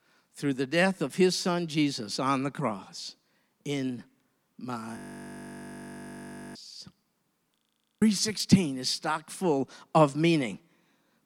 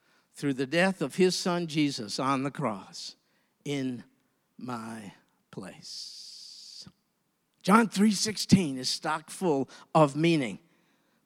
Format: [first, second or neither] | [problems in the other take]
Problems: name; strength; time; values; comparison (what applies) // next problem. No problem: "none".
second | audio freezing; at 5 s for 1.5 s and at 7.5 s